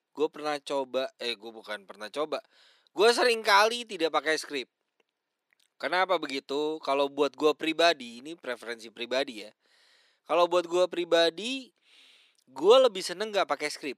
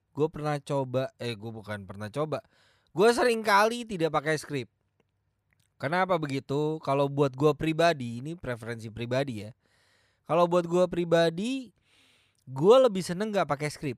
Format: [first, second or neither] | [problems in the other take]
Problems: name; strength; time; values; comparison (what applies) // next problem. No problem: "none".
second | thin; somewhat; fading below 300 Hz